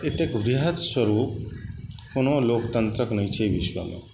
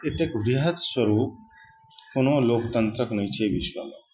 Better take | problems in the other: first | noise reduction (classical method Wiener filter)

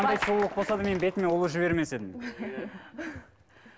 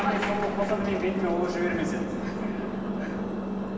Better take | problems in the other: first | background sound (Engine); 1 dB below the speech // room echo; dies away in 2.4 s

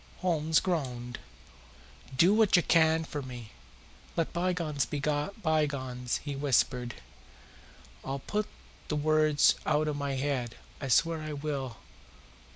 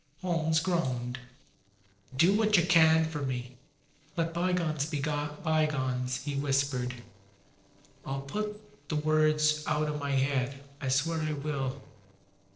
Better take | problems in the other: first | noise reduction (neural separator model SepFormer DNS4)

